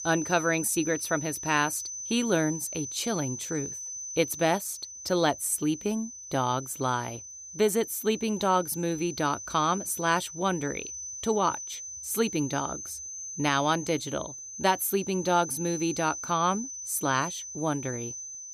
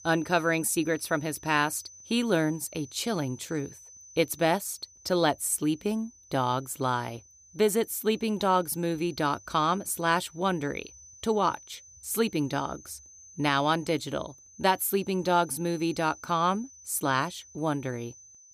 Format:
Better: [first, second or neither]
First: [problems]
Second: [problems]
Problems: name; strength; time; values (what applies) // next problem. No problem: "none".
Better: second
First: high-pitched whine; loud; throughout; 6 kHz, 8 dB below the speech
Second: high-pitched whine; faint; throughout; 6 kHz, 20 dB below the speech